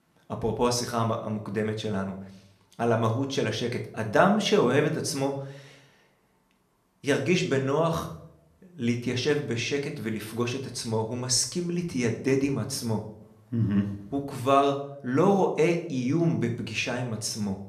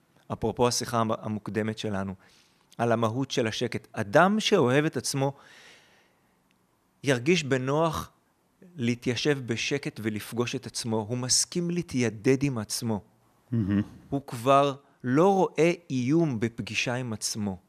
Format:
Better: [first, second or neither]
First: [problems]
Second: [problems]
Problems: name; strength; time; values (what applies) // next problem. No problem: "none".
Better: second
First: room echo; slight; dies away in 0.5 s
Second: none